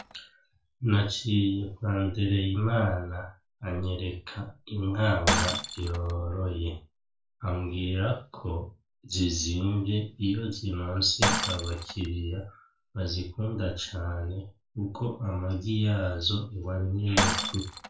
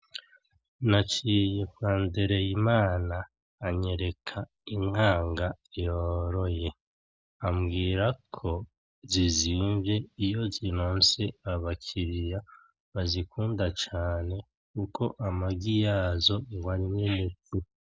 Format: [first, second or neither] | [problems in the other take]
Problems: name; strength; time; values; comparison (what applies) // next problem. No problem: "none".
second | background sound (Shatter); 7 dB below the speech // room echo; dies away in 0.3 s